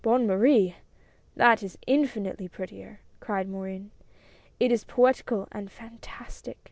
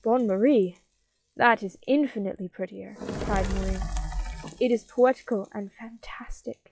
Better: first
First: none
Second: noise reduction (classical method log-MMSE)

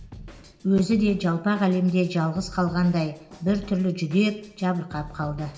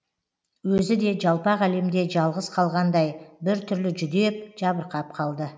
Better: second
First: background sound (Drum kit); 19 dB below the speech // room echo; dies away in 0.6 s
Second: none

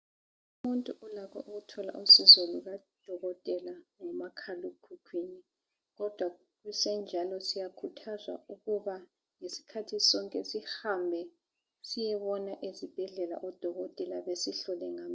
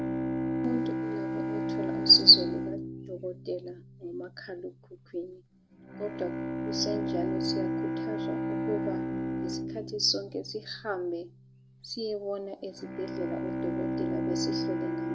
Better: first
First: none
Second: background sound (Bowed string instrument); 2 dB below the speech

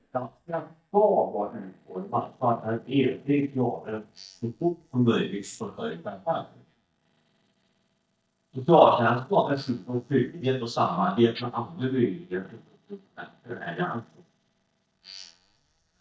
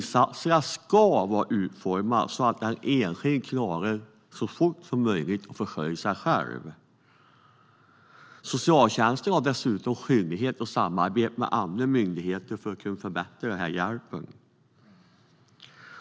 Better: second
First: noise reduction (neural mask model DeepFilterNet 3)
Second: none

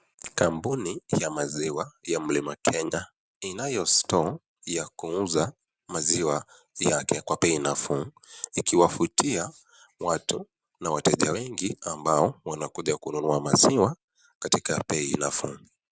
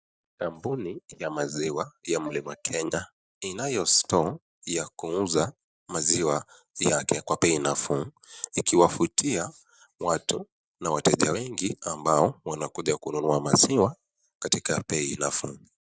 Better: first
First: none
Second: noise reduction (neural mask model DeepFilterNet 3)

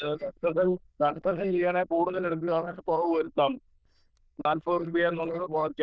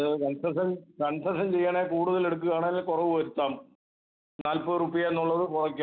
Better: second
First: noise reduction (neural diffusion model UNIVERSE++)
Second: none

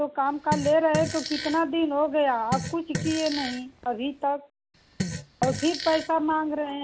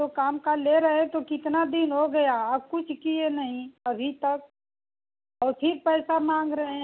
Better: second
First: background sound (Fart); 8 dB below the speech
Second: none

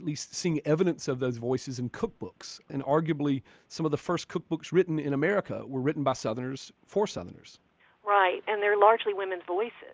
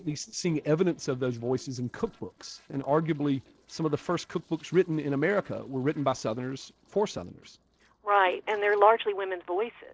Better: first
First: none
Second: noise reduction (neural separator model SepFormer DNS4)

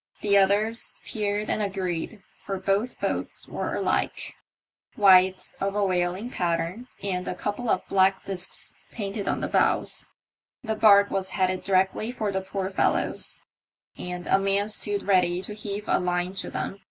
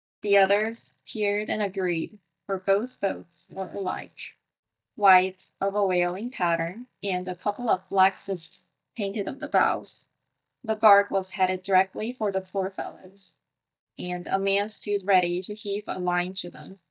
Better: first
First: none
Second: noise reduction (neural mask model DeepFilterNet 3)

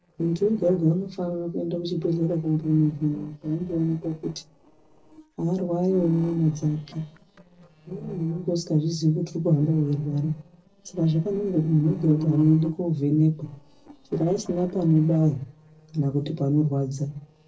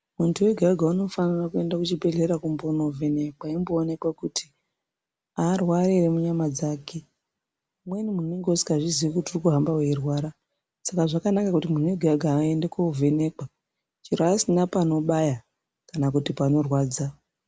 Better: second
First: noise reduction (neural separator model SepFormer DNS4)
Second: none

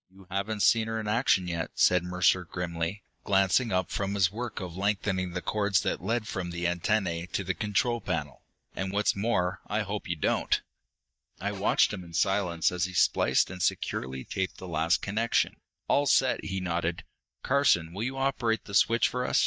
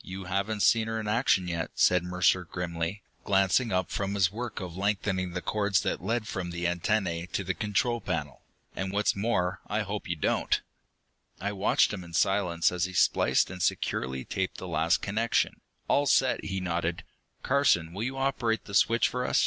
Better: second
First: noise reduction (neural mask model DeepFilterNet 3)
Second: none

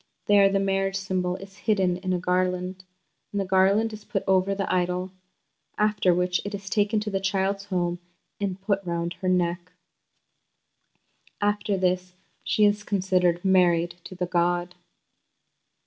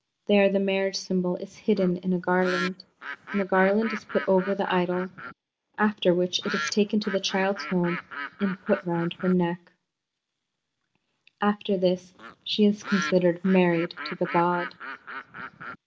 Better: first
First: none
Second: noise reduction (neural mask model Resemble Enhance denoiser)

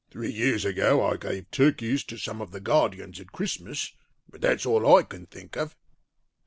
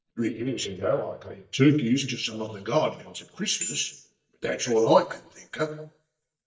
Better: first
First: none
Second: noise reduction (neural mask model DeepFilterNet 3)

